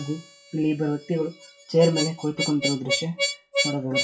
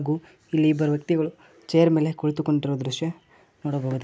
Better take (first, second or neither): second